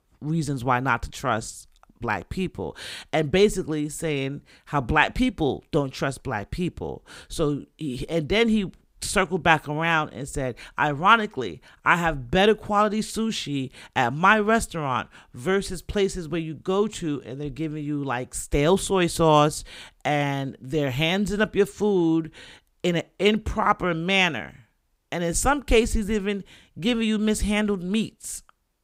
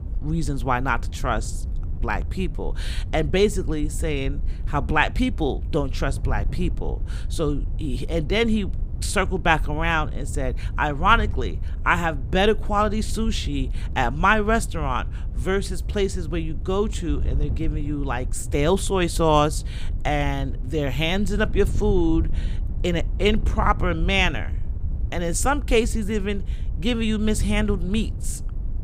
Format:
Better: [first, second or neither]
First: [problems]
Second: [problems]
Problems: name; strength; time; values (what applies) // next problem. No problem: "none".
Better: first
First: none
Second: wind noise on the microphone; occasional gusts; 20 dB below the speech